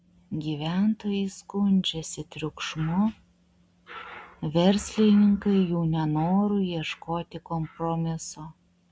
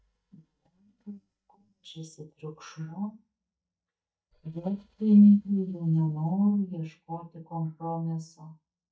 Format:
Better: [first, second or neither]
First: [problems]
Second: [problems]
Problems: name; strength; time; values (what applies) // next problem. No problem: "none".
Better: first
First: none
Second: noise reduction (neural mask model DeepFilterNet 3)